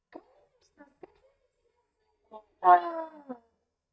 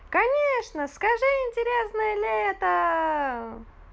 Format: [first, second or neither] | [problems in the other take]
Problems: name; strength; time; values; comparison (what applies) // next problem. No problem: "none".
second | noise reduction (neural mask model DeepFilterNet 3)